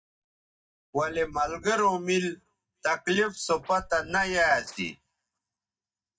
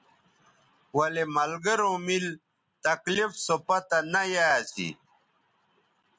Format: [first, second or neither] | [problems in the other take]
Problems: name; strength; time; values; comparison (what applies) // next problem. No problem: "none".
second | noise reduction (neural mask model DeepFilterNet 3)